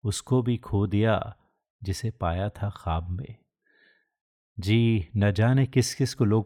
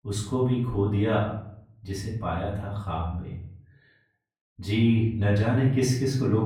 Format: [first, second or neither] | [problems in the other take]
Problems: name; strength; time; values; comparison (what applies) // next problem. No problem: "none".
first | off-mic speech; far // room echo; noticeable; dies away in 0.5 s